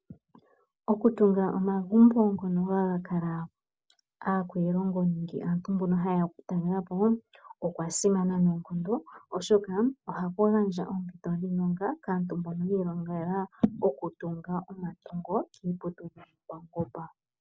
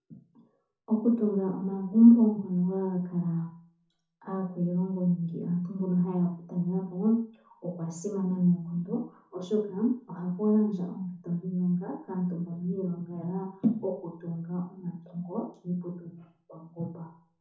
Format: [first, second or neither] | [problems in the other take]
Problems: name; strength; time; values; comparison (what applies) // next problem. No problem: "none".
first | room echo; dies away in 0.7 s